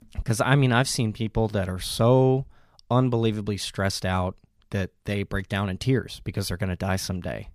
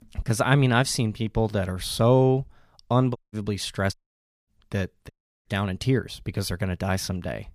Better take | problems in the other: first | audio cutting out; at 3 s, at 4 s for 0.5 s and at 5 s

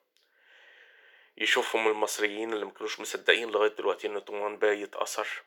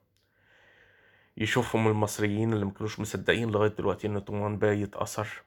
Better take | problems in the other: second | thin; very; fading below 400 Hz

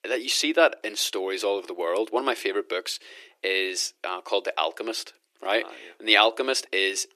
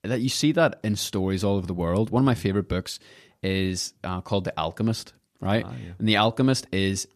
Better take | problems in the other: second | thin; very; fading below 350 Hz

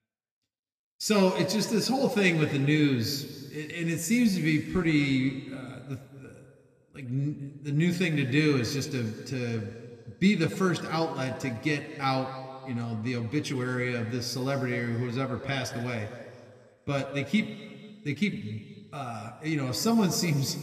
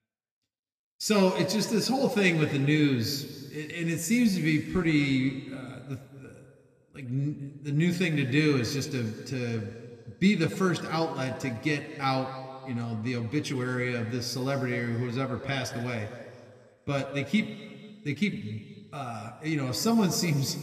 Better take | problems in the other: neither | room echo; slight; dies away in 2.1 s; the same in both

